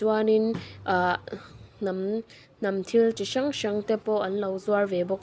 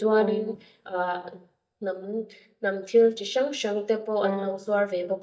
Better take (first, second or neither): first